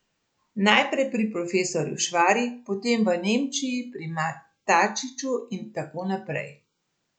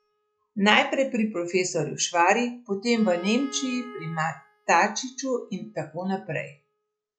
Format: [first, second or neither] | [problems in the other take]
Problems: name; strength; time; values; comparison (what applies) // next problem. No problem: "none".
first | noise reduction (classical method log-MMSE)